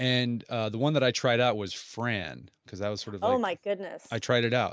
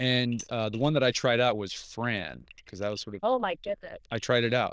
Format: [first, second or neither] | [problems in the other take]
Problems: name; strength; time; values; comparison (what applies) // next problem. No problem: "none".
first | noise reduction (neural diffusion model UNIVERSE++)